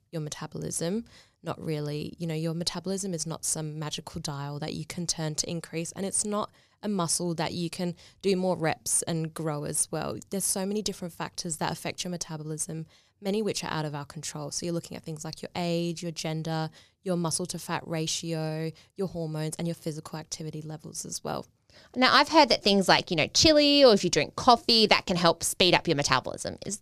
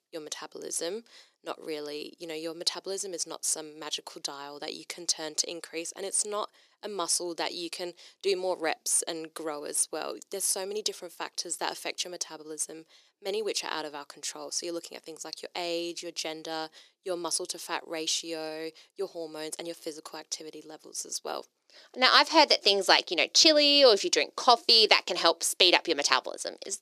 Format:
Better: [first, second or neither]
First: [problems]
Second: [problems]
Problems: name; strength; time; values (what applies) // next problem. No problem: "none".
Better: first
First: none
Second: thin; somewhat; fading below 350 Hz